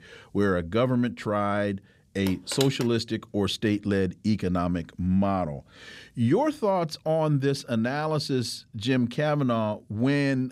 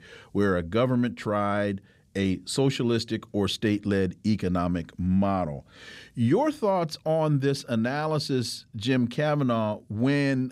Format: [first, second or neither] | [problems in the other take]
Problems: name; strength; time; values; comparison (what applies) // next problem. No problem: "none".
second | phone ringing; noticeable; at 2.5 s; peak 6 dB below the speech